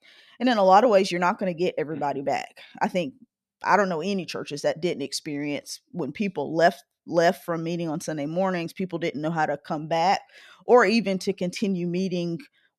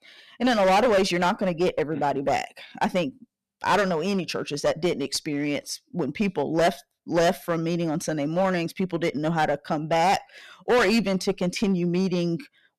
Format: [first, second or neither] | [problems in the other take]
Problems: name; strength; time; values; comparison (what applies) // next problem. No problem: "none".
first | distortion; heavy; 10% of the sound clipped